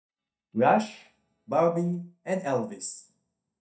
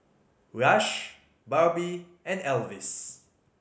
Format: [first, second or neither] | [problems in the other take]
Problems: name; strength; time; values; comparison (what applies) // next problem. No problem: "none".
second | noise reduction (neural mask model DeepFilterNet 3)